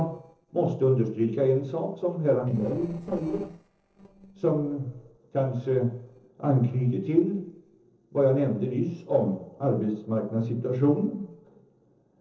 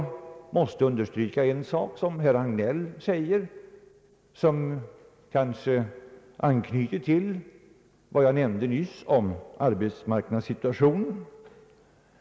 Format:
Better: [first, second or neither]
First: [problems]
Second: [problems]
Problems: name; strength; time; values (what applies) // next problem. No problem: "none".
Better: second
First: noise reduction (neural separator model SepFormer DNS4)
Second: none